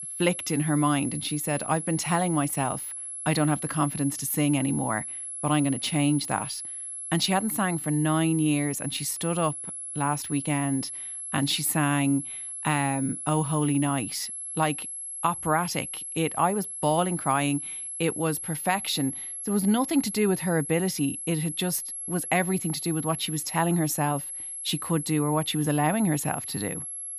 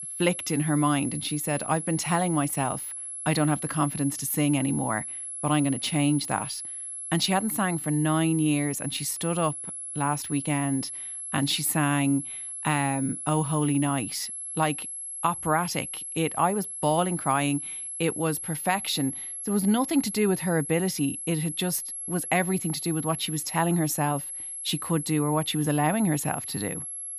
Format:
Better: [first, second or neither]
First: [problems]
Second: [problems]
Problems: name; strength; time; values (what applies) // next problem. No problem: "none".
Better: neither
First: high-pitched whine; loud; throughout; 11 kHz, 6 dB below the speech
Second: high-pitched whine; loud; throughout; 11 kHz, 6 dB below the speech